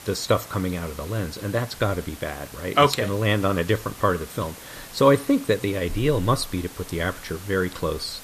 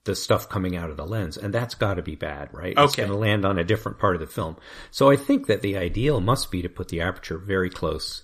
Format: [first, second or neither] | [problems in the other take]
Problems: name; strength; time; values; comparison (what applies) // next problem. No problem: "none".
second | hiss; noticeable; throughout; 15 dB below the speech